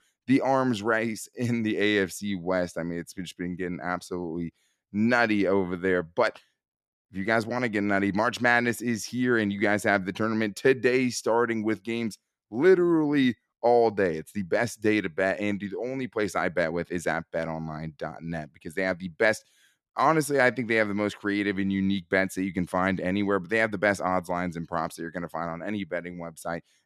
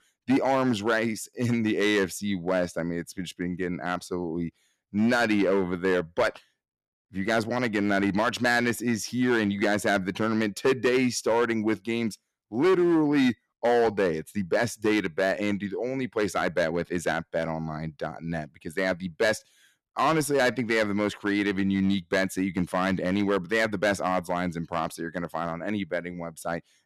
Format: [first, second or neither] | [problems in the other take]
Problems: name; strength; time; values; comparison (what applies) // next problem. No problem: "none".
first | distortion; slight; 5% of the sound clipped